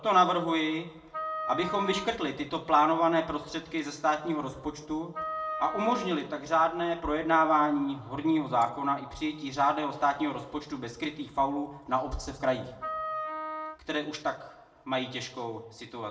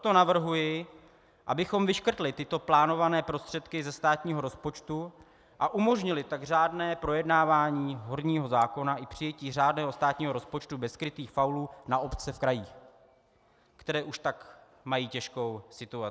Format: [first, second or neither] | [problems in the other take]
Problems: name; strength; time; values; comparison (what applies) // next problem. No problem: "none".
second | background sound (Wind instrument, woodwind instrument); 7 dB below the speech // room echo; dies away in 0.6 s